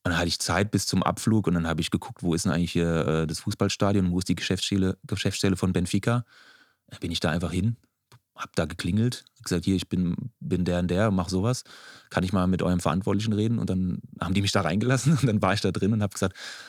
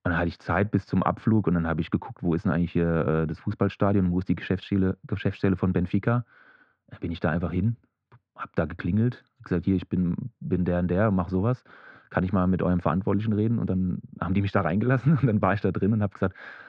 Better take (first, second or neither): first